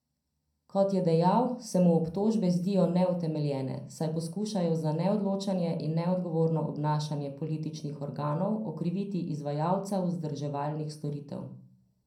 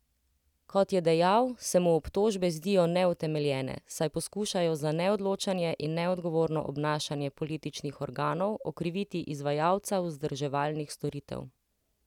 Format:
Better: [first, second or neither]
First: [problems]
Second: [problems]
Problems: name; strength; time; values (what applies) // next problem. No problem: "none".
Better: second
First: room echo; dies away in 0.5 s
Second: none